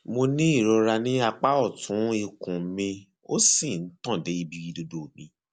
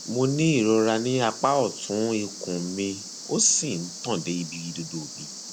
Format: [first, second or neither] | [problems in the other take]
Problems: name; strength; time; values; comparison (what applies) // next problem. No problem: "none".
first | background sound (Cricket); 13 dB below the speech